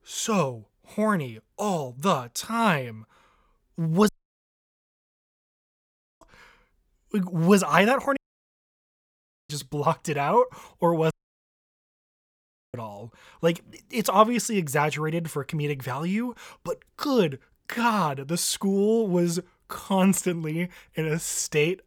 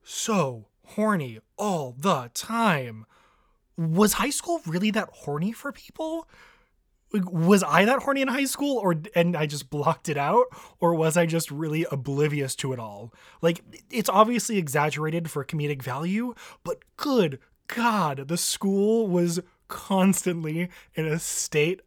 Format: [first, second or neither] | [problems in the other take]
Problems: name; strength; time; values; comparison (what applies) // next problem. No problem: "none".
second | audio cutting out; at 4 s for 2 s, at 8 s for 1.5 s and at 11 s for 1.5 s